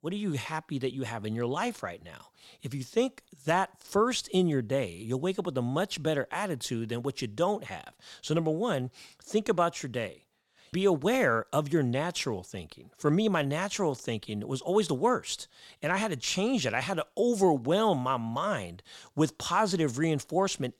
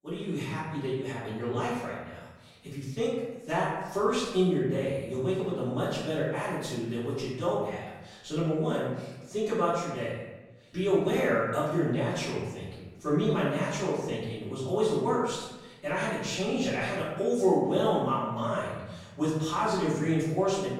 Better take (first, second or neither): first